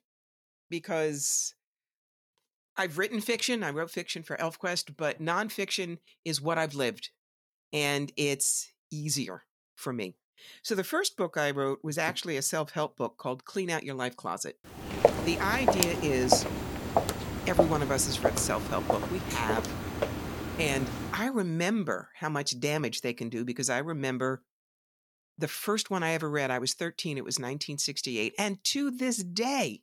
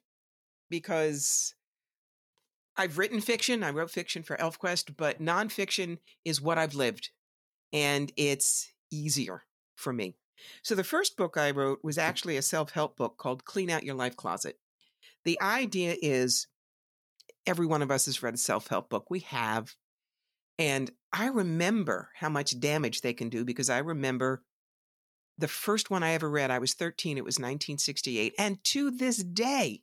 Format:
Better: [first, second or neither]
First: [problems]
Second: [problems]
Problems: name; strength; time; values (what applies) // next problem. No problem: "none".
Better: second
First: footsteps; loud; from 15 to 20 s; peak 5 dB above the speech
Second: none